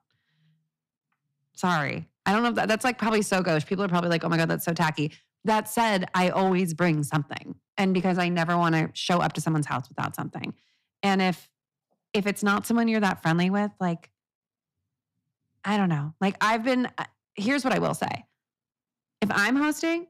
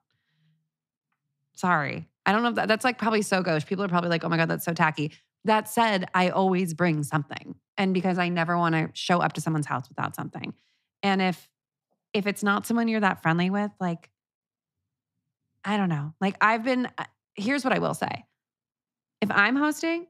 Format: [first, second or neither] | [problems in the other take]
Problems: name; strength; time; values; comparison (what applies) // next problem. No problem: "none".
second | distortion; slight; 3% of the sound clipped